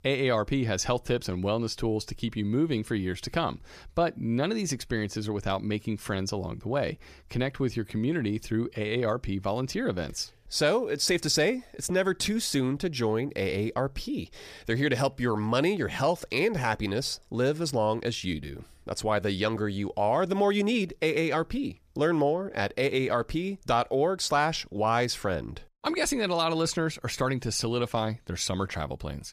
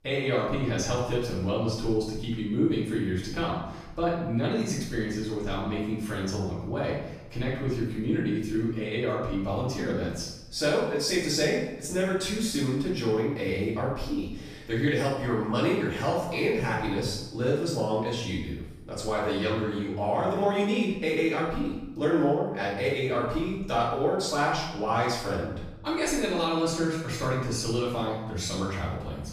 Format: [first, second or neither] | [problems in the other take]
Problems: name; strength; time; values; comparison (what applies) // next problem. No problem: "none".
first | off-mic speech; far // room echo; noticeable; dies away in 0.8 s